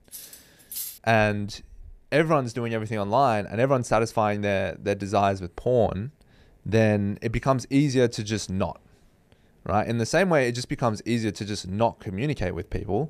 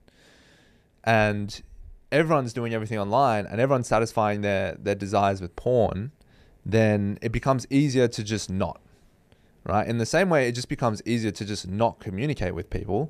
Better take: second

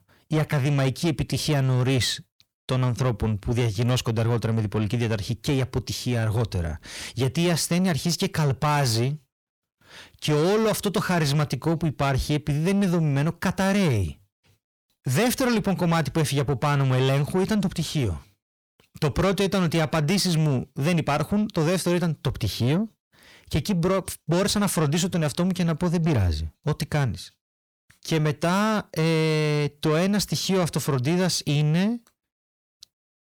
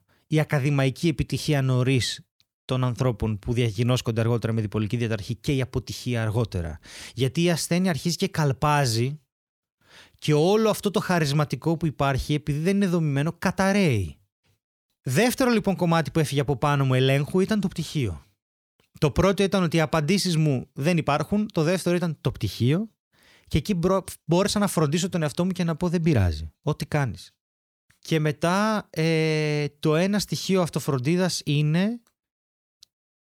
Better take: second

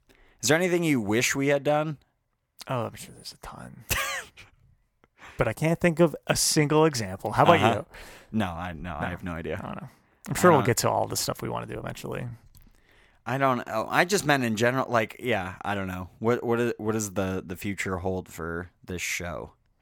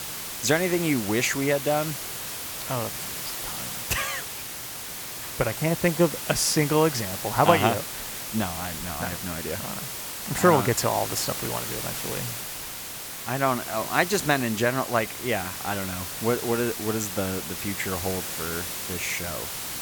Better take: first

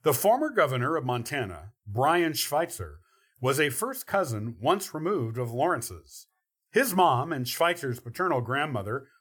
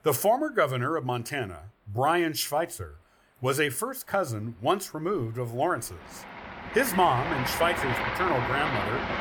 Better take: first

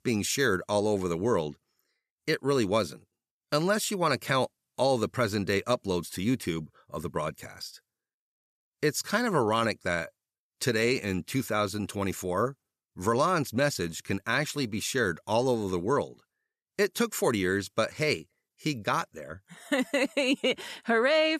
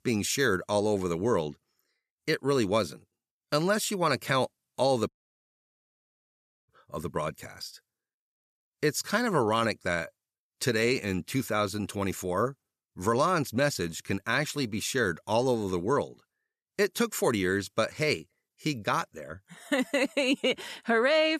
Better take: first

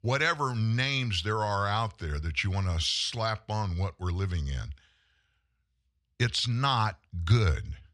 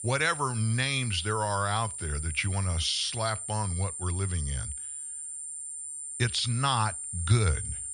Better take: first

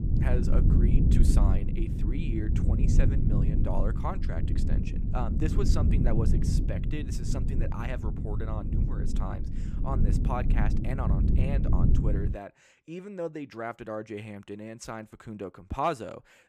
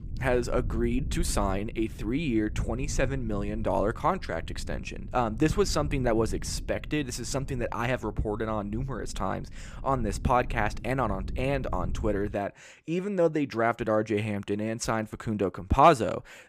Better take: second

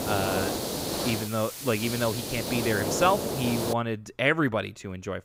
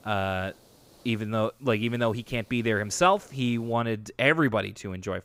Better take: second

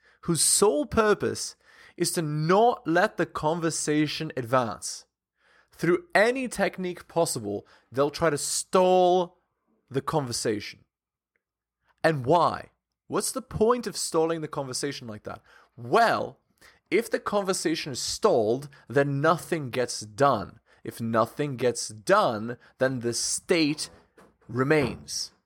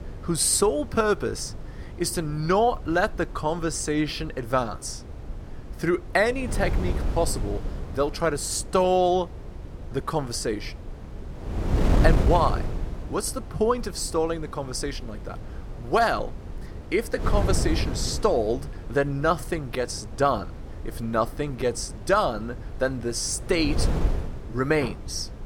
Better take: first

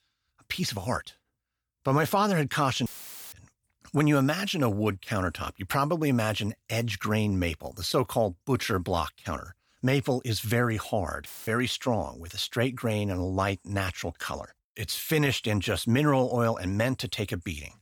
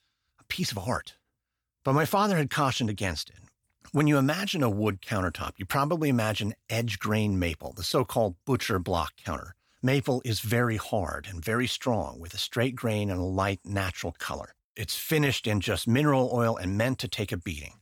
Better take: second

